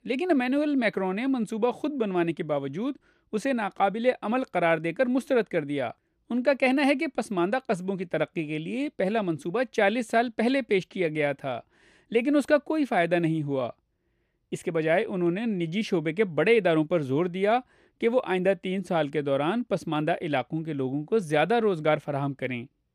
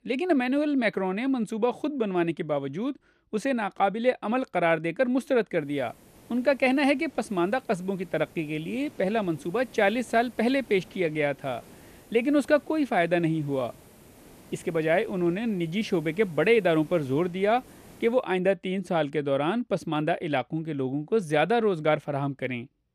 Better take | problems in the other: first | hiss; faint; from 5.5 to 18 s; 25 dB below the speech

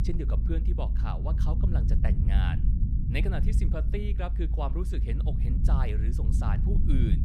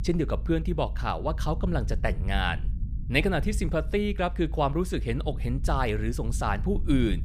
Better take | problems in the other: second | low rumble; loud; throughout; 4 dB below the speech; faint in the second

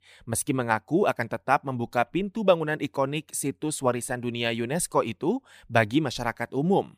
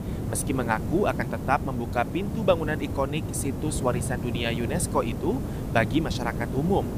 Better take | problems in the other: first | hiss; loud; throughout; 4 dB below the speech

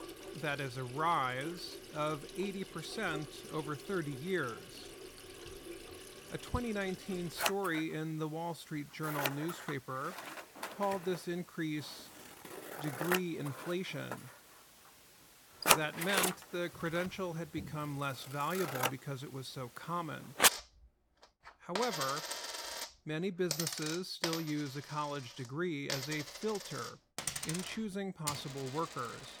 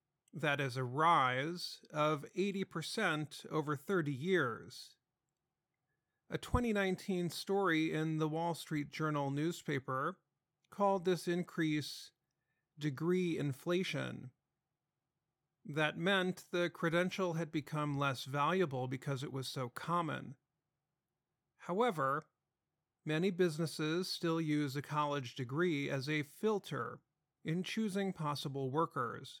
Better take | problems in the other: second | household noises; very loud; throughout; as loud as the speech

